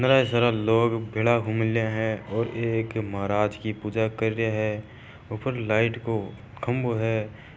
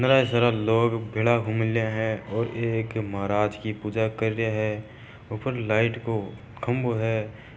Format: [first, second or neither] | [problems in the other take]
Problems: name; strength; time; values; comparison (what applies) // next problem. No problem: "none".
first | room echo; dies away in 2.2 s